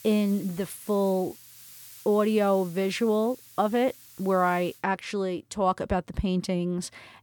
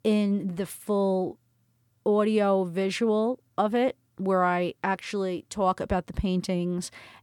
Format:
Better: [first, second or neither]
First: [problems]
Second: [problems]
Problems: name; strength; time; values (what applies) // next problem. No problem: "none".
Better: second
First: hiss; noticeable; until 5 s; 20 dB below the speech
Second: none